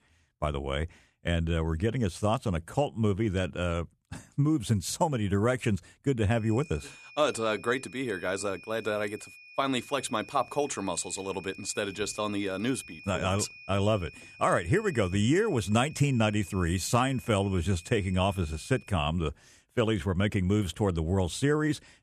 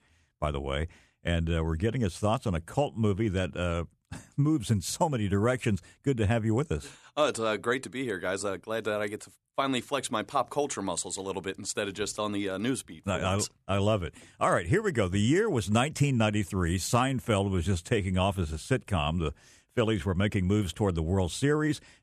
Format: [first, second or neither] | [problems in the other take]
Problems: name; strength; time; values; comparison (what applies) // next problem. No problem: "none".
second | high-pitched whine; noticeable; from 6.5 to 19 s; 2.5 kHz, 20 dB below the speech